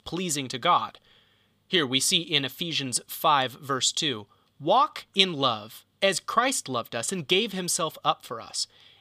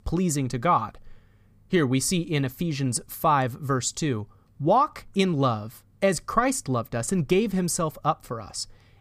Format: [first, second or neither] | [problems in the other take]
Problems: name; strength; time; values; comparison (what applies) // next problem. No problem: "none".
second | thin; very slightly; fading below 500 Hz